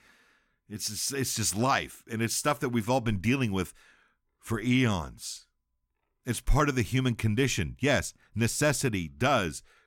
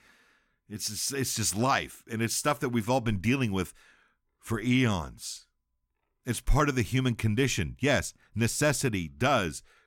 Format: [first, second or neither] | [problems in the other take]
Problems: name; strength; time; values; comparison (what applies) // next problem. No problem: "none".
neither | none